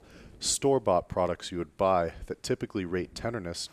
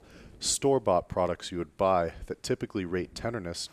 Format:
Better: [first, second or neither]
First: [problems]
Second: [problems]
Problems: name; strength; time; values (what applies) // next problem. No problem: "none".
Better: neither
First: rain or running water; faint; throughout; 30 dB below the speech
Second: rain or running water; faint; throughout; 30 dB below the speech